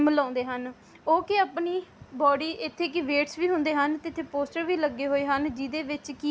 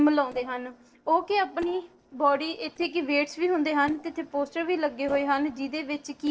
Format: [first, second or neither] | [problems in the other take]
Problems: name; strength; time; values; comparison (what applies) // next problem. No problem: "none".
first | noise reduction (neural separator model SepFormer DNS4)